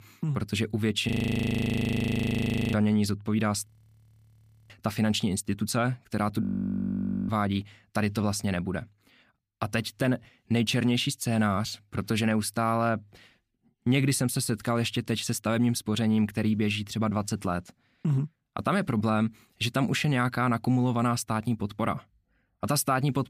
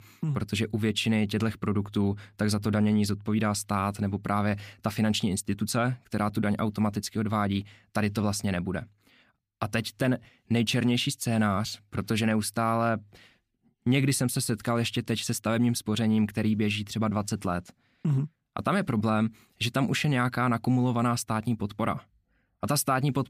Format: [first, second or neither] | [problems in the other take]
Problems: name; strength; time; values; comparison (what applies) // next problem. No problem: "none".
second | audio freezing; at 1 s for 1.5 s, at 3.5 s for 1 s and at 6.5 s for 1 s